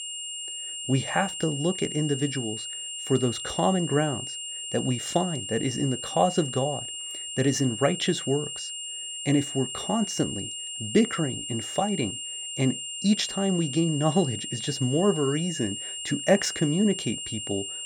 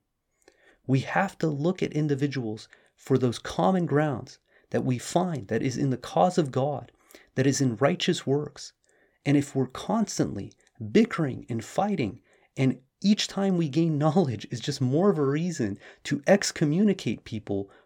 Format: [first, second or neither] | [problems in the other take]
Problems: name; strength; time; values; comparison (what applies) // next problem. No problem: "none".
second | high-pitched whine; loud; throughout; 3 kHz, 6 dB below the speech